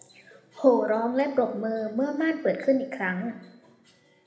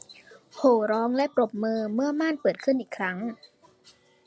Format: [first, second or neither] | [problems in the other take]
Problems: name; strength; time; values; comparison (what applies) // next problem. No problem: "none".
second | room echo; dies away in 0.9 s